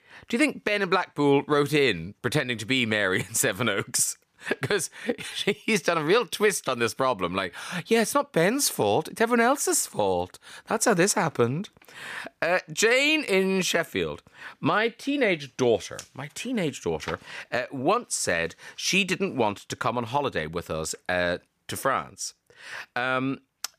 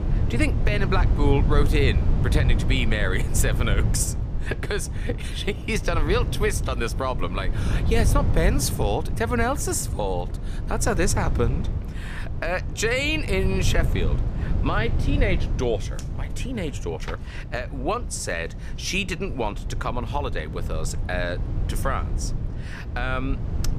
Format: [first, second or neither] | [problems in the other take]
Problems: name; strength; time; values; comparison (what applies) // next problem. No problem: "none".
first | low rumble; noticeable; throughout; 10 dB below the speech